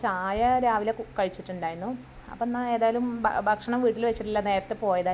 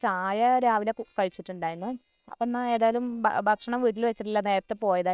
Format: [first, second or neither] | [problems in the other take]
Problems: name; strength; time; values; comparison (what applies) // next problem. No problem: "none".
first | noise reduction (neural separator model SepFormer WHAM!)